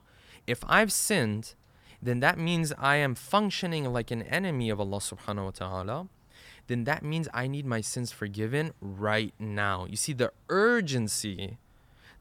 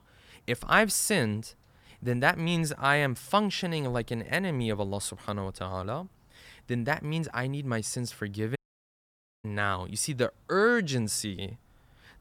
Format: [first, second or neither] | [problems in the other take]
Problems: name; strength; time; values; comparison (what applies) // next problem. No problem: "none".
first | audio cutting out; at 8.5 s for 1 s